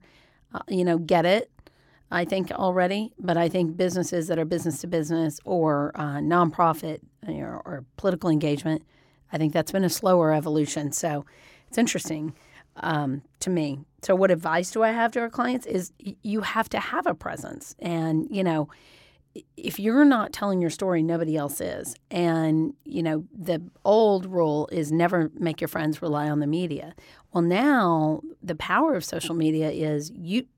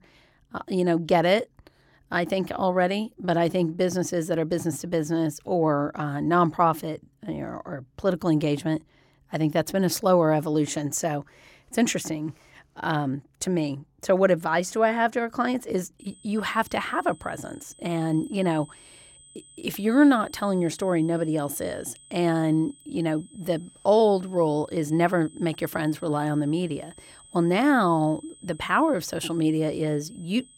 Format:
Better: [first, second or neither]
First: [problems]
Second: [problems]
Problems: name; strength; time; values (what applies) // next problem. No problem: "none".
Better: first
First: none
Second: high-pitched whine; faint; from 16 s on; 8 kHz, 25 dB below the speech